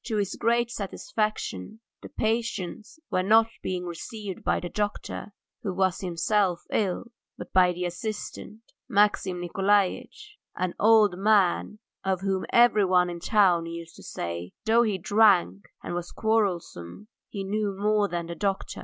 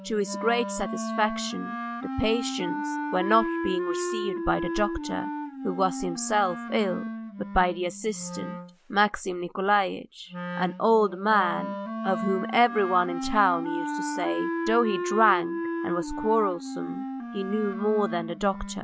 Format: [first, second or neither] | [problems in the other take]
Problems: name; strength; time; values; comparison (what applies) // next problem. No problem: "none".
first | background sound (Wind instrument, woodwind instrument); 5 dB below the speech